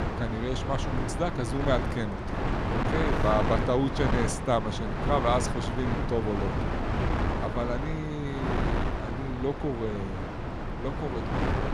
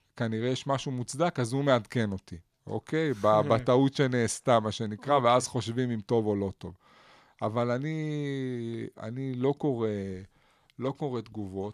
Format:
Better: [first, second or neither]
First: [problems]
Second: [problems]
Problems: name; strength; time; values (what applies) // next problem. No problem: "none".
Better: second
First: wind noise on the microphone; heavy; 2 dB below the speech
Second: none